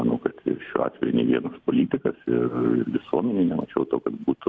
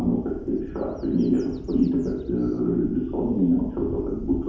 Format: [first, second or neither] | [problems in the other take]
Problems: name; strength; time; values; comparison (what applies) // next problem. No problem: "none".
first | background sound (Wind / Bird); 13 dB below the speech // room echo; dies away in 0.8 s